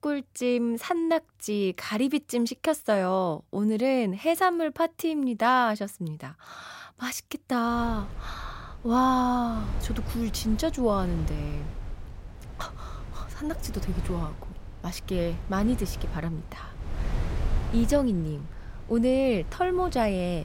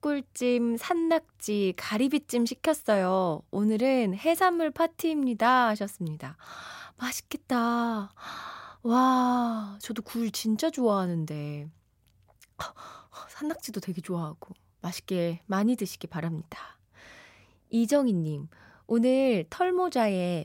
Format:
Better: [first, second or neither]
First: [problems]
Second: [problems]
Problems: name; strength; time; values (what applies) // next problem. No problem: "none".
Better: second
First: wind noise on the microphone; occasional gusts; from 8 s on; 20 dB below the speech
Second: none